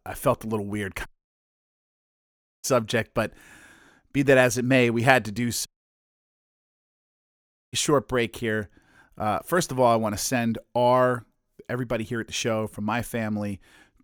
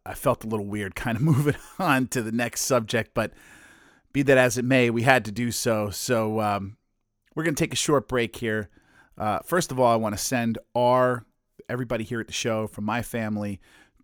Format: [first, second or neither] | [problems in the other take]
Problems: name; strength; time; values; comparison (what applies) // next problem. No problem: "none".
second | audio cutting out; at 1 s for 1.5 s and at 5.5 s for 2 s